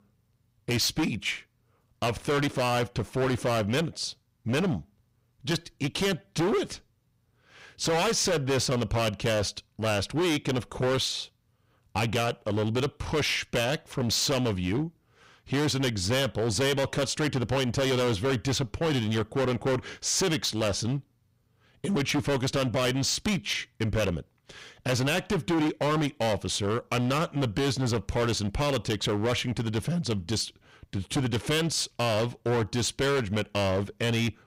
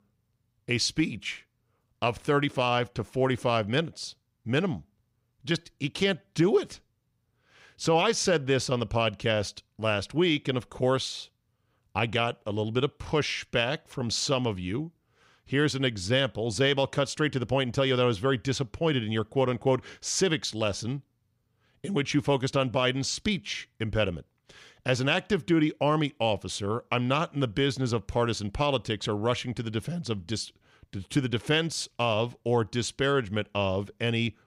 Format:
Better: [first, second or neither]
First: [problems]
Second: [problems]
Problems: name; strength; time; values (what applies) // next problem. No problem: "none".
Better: second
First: distortion; heavy; 18% of the sound clipped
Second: none